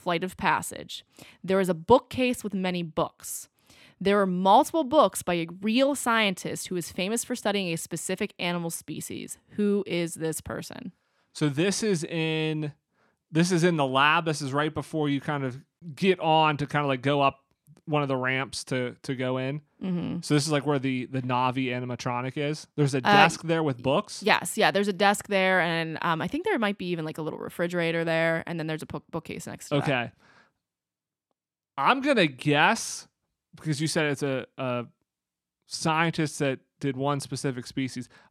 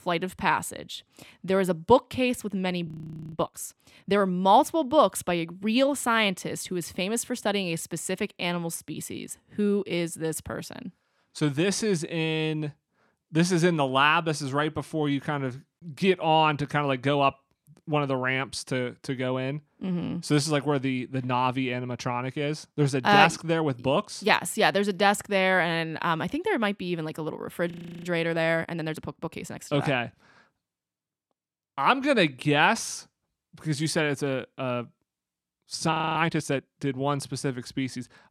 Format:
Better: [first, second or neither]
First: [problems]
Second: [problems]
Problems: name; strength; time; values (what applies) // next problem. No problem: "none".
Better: first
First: none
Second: audio freezing; at 3 s, at 28 s and at 36 s